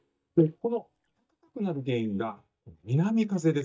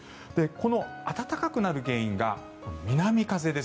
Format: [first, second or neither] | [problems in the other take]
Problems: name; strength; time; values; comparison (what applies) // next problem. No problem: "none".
second | noise reduction (neural mask model DeepFilterNet 3)